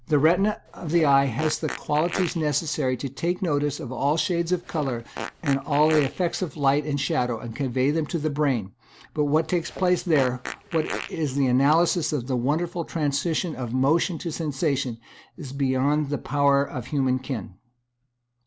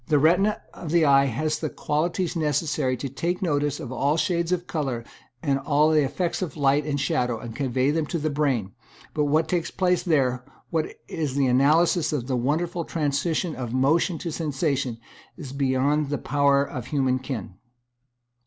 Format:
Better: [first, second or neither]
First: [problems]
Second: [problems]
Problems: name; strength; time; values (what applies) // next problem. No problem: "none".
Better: second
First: background sound (Fart); 12 dB below the speech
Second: none